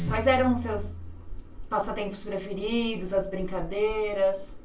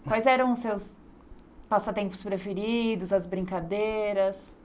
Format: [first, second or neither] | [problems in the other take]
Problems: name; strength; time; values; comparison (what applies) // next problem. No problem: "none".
second | background sound (Guitar); 13 dB below the speech // room echo; dies away in 0.3 s